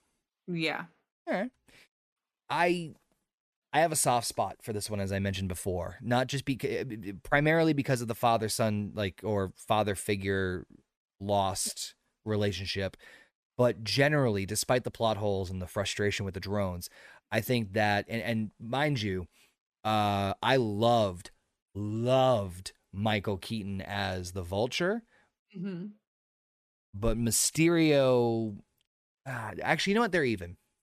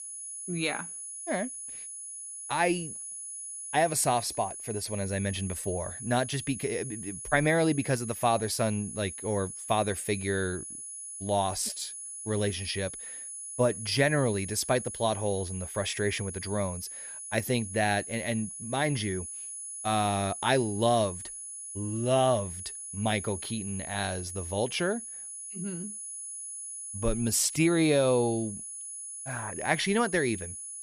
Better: first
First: none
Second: high-pitched whine; loud; throughout; 10 kHz, 8 dB below the speech

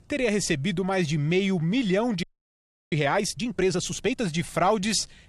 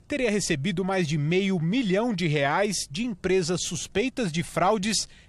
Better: second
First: audio freezing; at 2 s for 0.5 s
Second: none

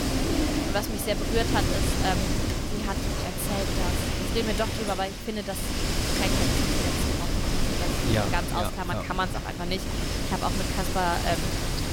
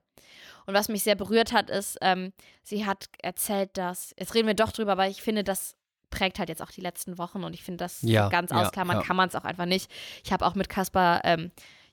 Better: second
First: wind noise on the microphone; heavy; as loud as the speech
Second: none

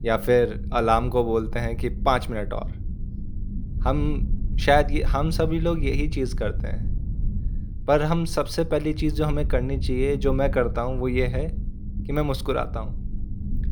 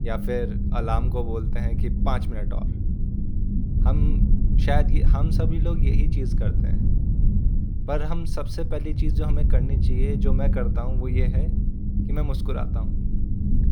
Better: first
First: low rumble; faint; throughout; 20 dB below the speech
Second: low rumble; loud; throughout; 5 dB below the speech

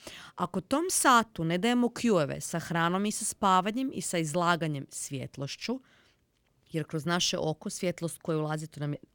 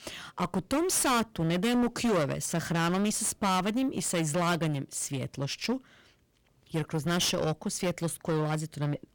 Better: first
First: none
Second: distortion; heavy; 15% of the sound clipped

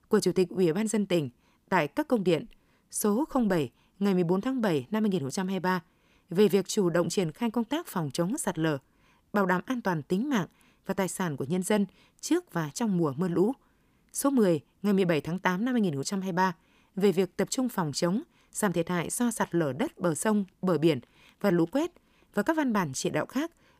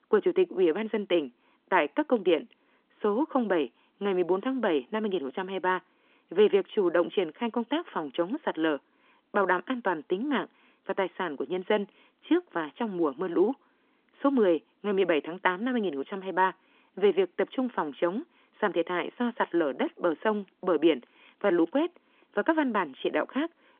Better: first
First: none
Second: phone-call audio

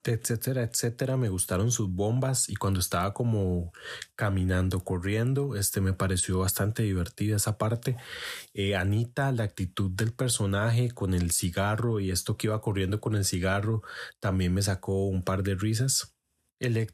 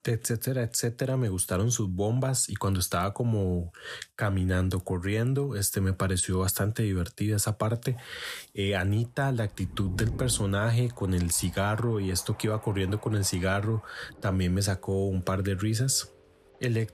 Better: first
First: none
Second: rain or running water; noticeable; from 8.5 s on; 20 dB below the speech

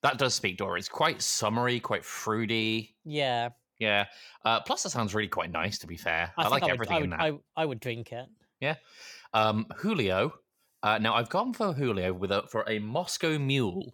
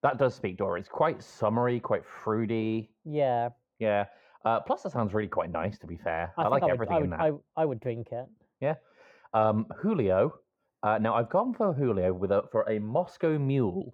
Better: first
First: none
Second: muffled; very; fading above 2.5 kHz

